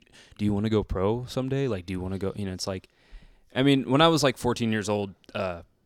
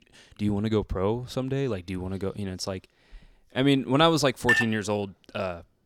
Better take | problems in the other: first | clattering dishes; loud; at 4.5 s; peak 4 dB above the speech

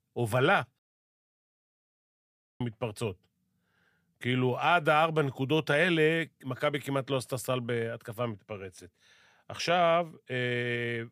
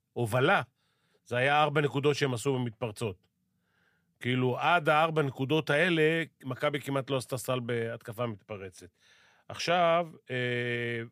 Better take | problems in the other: second | audio cutting out; at 1 s for 2 s

